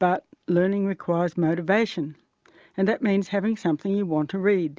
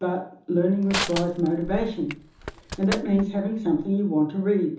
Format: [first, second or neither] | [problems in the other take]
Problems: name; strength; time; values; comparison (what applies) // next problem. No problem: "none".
first | background sound (Crushing); 10 dB below the speech // room echo; dies away in 1.2 s